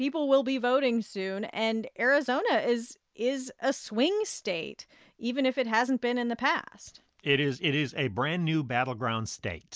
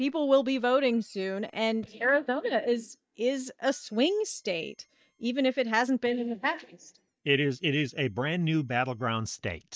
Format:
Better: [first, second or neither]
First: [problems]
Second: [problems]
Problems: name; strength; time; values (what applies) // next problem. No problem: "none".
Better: first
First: none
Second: noise reduction (neural mask model DeepFilterNet 3)